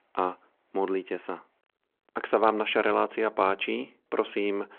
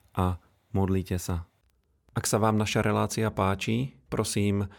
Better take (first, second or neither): second